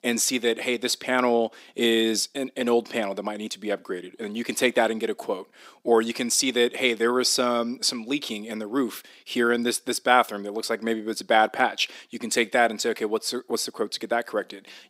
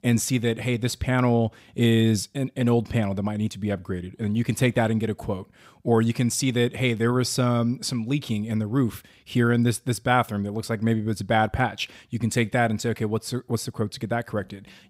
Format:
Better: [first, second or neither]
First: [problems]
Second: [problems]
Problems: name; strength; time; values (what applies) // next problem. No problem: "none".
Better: second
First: thin; somewhat; fading below 300 Hz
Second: none